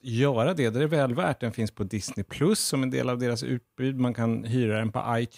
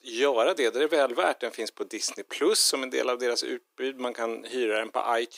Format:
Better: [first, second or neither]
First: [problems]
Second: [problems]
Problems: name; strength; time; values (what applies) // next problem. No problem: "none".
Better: first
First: none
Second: thin; very; fading below 350 Hz